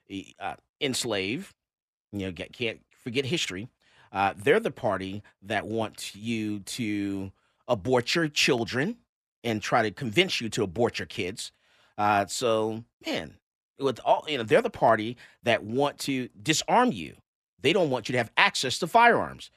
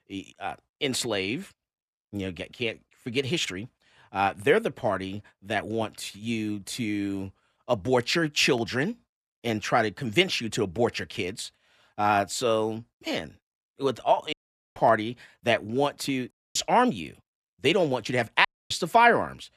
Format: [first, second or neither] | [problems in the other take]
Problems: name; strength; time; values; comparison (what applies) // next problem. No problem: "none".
first | audio cutting out; at 14 s, at 16 s and at 18 s